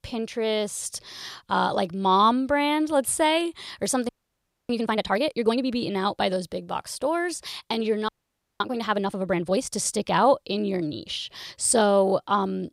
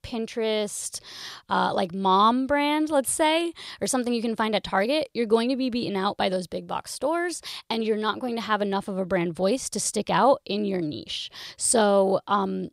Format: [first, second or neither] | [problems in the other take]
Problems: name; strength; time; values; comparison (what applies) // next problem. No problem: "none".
second | audio freezing; at 4 s for 0.5 s and at 8 s for 0.5 s